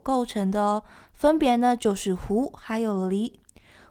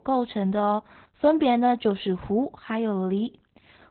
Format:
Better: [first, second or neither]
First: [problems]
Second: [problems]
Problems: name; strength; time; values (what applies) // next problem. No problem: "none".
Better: first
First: garbled, watery; slightly; nothing above 18.5 kHz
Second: garbled, watery; badly; nothing above 4 kHz